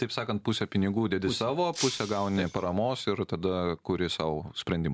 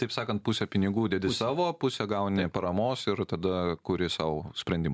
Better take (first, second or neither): second